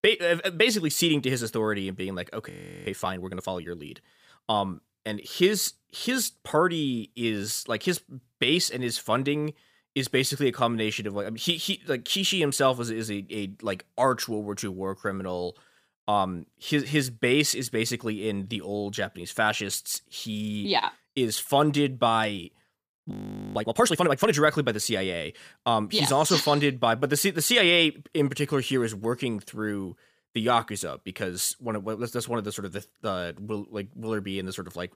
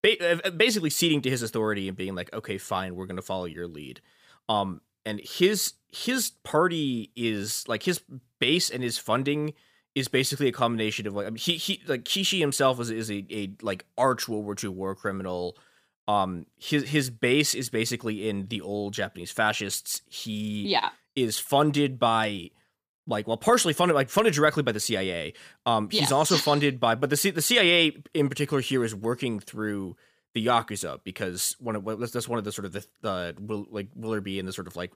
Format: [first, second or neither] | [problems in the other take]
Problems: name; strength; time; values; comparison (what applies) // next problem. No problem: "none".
second | audio freezing; at 2.5 s and at 23 s